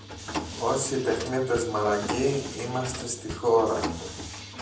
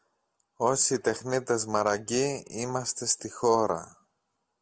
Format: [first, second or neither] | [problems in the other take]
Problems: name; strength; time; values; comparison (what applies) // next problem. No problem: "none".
second | background sound (Mechanisms); 8 dB below the speech // room echo; dies away in 0.6 s